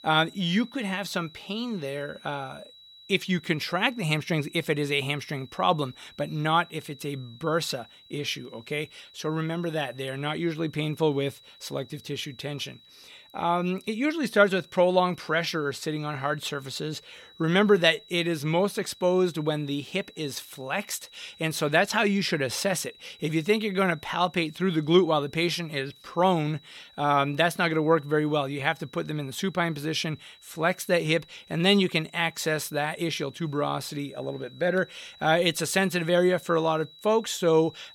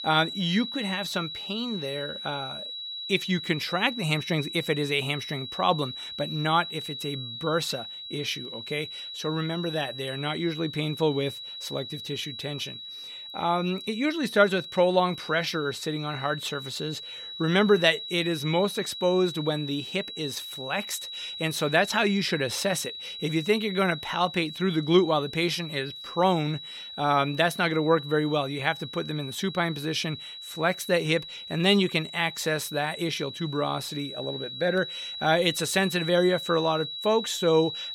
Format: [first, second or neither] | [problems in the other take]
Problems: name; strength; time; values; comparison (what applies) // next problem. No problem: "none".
first | high-pitched whine; loud; throughout; 4 kHz, 9 dB below the speech; faint in the first